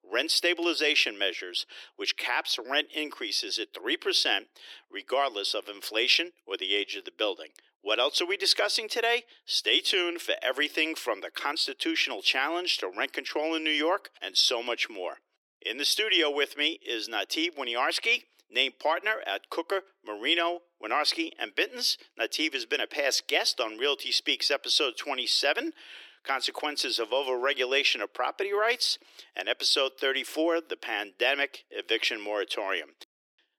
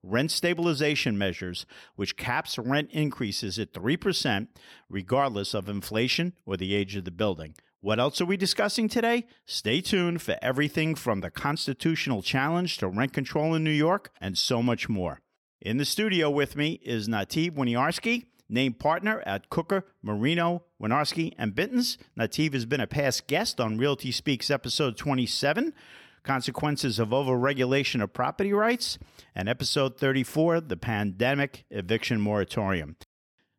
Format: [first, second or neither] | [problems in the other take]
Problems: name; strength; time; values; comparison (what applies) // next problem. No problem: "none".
second | thin; very; fading below 300 Hz